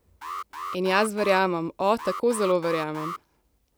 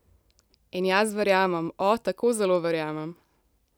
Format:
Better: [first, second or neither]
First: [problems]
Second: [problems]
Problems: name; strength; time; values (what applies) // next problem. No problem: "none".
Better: second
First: background sound (Alarm); 10 dB below the speech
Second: none